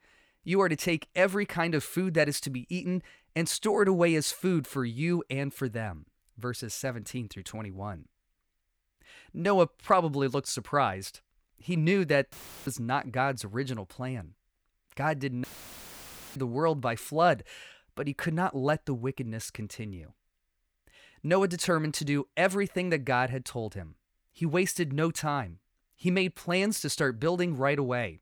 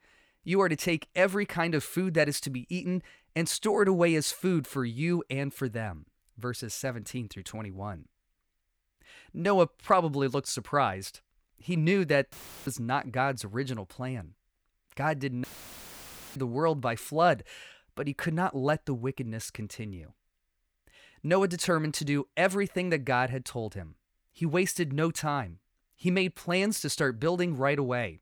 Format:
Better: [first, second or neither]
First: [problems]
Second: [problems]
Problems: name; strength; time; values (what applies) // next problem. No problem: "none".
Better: neither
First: audio cutting out; filled with static; at 12 s and at 15 s for 1 s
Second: audio cutting out; filled with static; at 12 s and at 15 s for 1 s